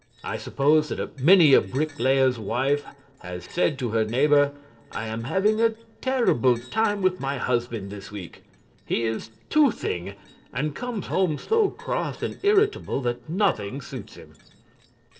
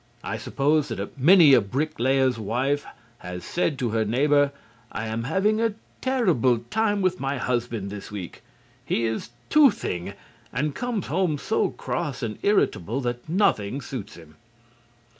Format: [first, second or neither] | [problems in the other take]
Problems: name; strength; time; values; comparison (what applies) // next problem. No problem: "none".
second | noise reduction (neural separator model SepFormer DNS4)